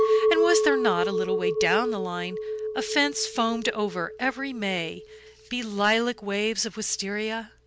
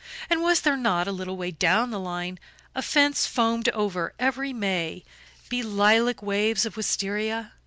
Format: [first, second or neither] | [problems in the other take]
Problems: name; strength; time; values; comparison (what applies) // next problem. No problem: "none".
second | background sound (Chink, clink); 1 dB below the speech